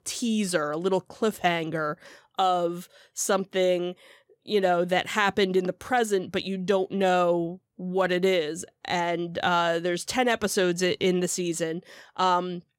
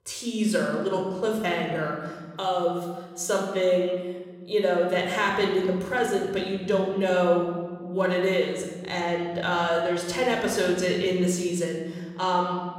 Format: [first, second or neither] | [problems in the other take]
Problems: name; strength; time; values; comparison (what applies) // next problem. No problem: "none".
first | room echo; noticeable; dies away in 1.6 s // off-mic speech; somewhat distant